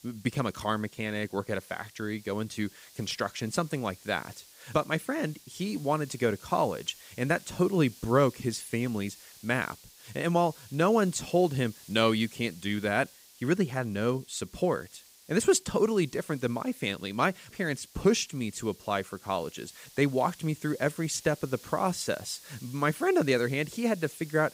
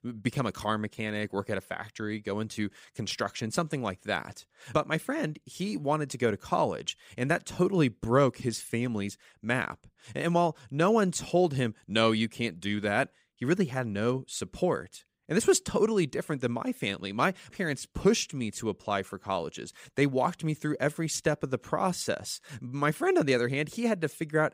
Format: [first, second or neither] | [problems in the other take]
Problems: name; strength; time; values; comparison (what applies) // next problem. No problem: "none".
second | hiss; faint; throughout; 20 dB below the speech